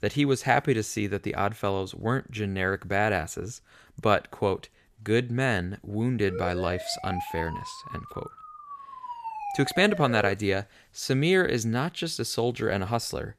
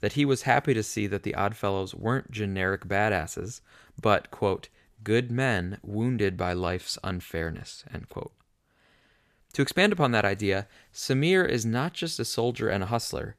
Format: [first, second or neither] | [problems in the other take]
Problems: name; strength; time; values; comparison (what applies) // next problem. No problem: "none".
second | siren; noticeable; from 6.5 to 10 s; peak 8 dB below the speech